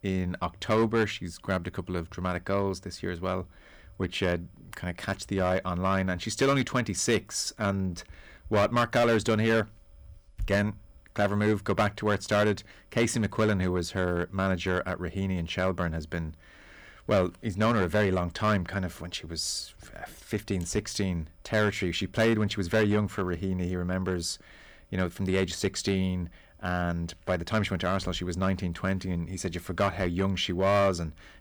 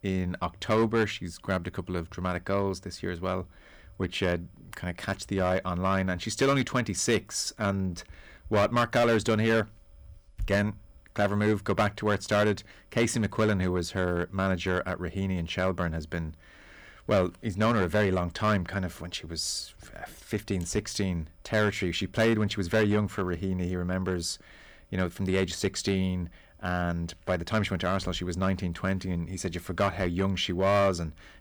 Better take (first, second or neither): neither